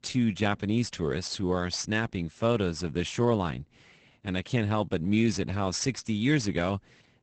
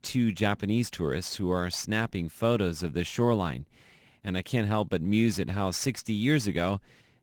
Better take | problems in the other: second | garbled, watery; badly; nothing above 8 kHz; slightly in the second

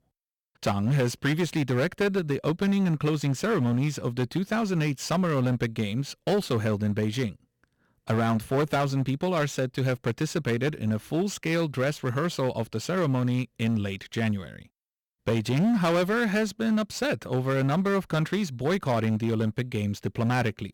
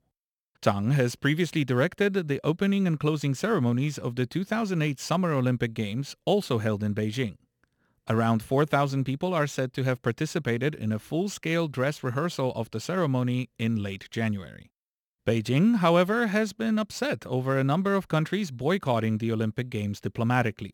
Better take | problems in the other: second | distortion; slight; 9% of the sound clipped

